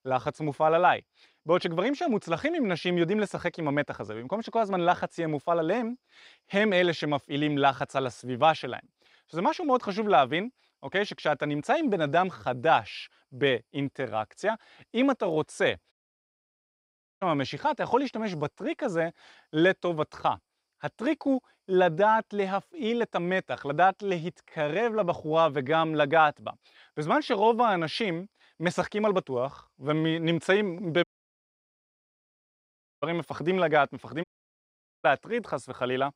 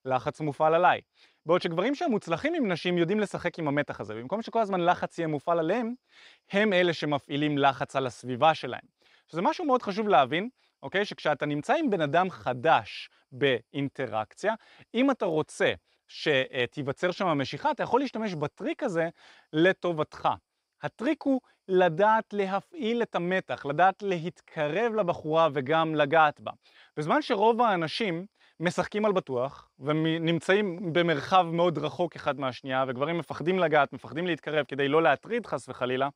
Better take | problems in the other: second | audio cutting out; at 16 s for 1.5 s, at 31 s for 2 s and at 34 s for 1 s

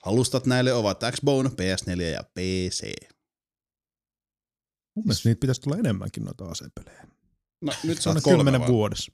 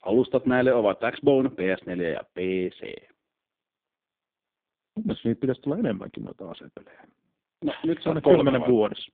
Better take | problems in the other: first | phone-call audio; poor line

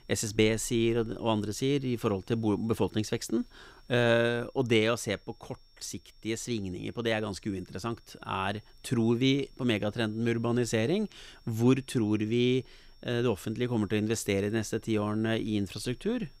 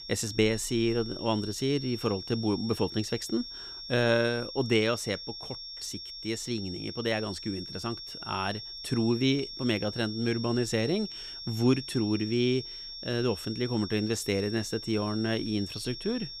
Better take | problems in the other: first | high-pitched whine; loud; throughout; 5.5 kHz, 9 dB below the speech; faint in the first

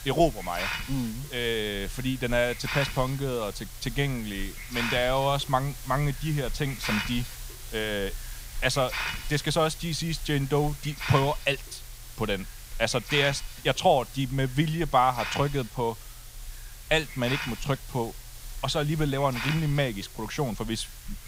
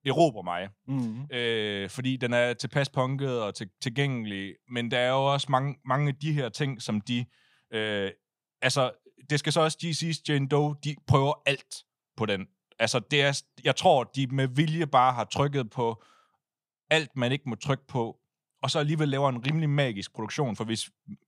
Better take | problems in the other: second | hiss; loud; throughout; 9 dB below the speech

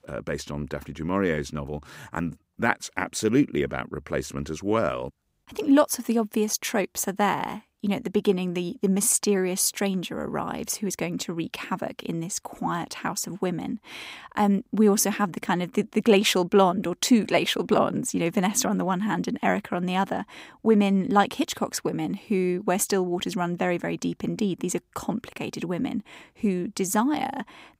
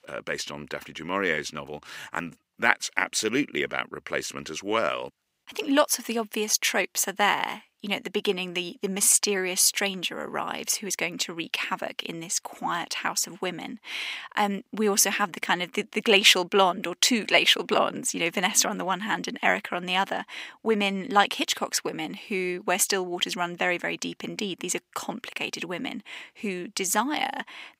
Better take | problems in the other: first | thin; somewhat; fading below 600 Hz

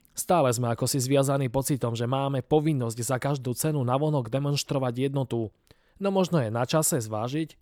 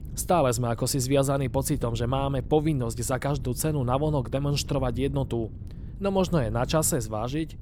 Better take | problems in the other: first | wind noise on the microphone; occasional gusts; 20 dB below the speech

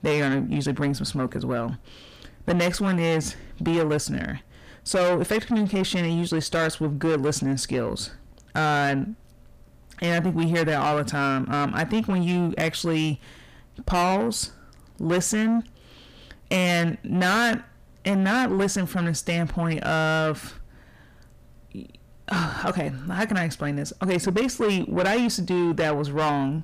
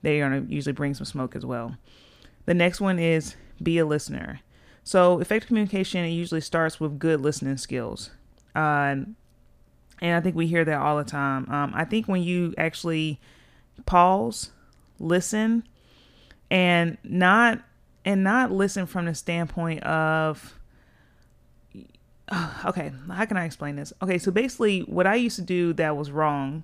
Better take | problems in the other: second | distortion; heavy; 6 dB below the speech

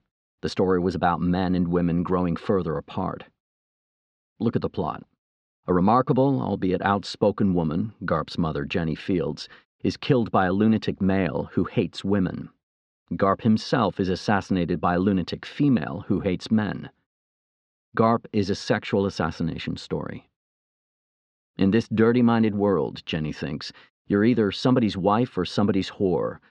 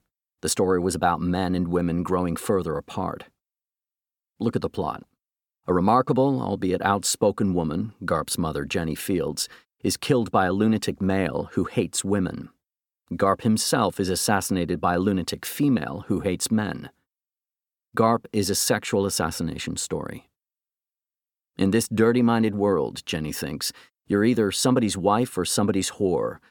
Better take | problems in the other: second | muffled; slightly; fading above 4.5 kHz

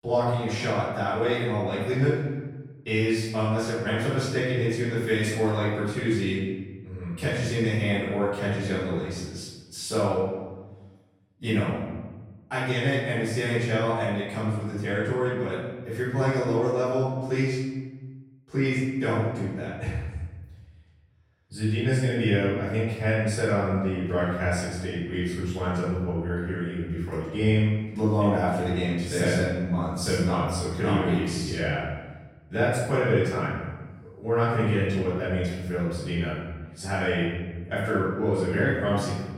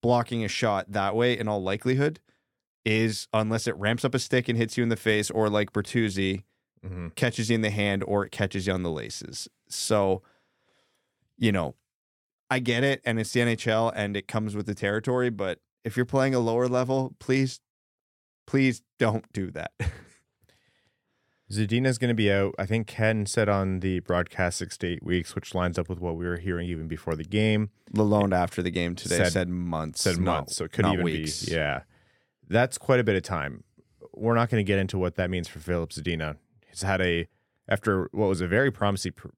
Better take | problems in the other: second | off-mic speech; far // room echo; strong; dies away in 1.2 s

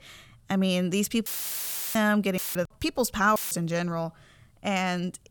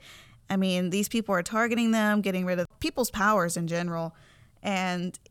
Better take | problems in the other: second | audio cutting out; filled with static; at 1.5 s for 0.5 s, at 2.5 s and at 3.5 s

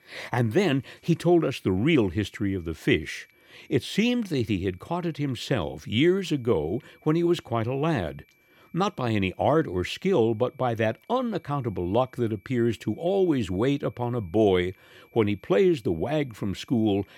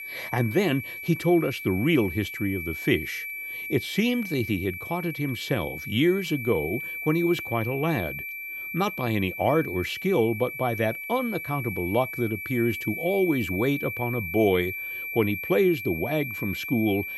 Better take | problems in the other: first | high-pitched whine; loud; throughout; 2.5 kHz, 6 dB below the speech; faint in the first

